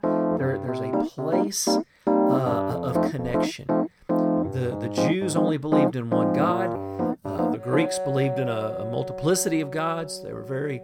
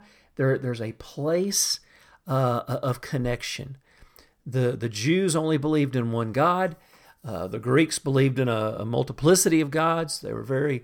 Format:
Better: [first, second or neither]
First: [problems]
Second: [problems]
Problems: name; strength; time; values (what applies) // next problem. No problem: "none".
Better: second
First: background music; very loud; throughout; 2 dB above the speech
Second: none